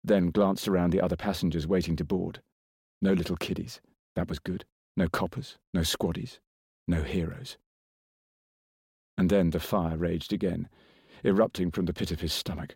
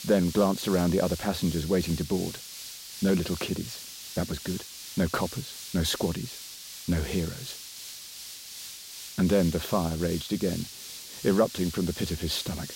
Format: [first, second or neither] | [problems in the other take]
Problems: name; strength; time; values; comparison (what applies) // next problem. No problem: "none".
first | hiss; noticeable; throughout; 10 dB below the speech